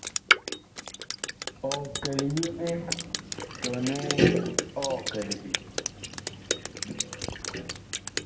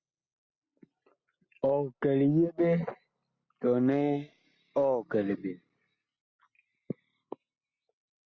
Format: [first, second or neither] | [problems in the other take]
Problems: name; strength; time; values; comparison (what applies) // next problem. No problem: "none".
second | background sound (Drip); 5 dB above the speech // room echo; dies away in 0.9 s